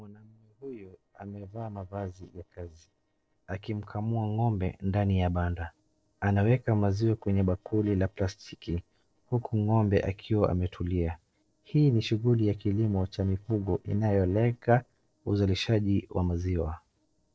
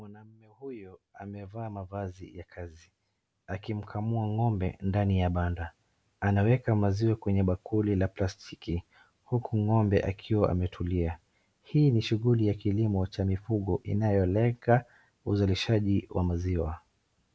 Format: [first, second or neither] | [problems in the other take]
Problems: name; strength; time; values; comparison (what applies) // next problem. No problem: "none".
second | noise reduction (neural separator model SepFormer DNS4)